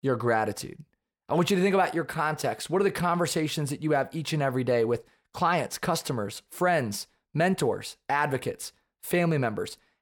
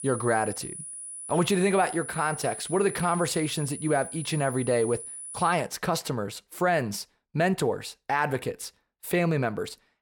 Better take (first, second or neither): first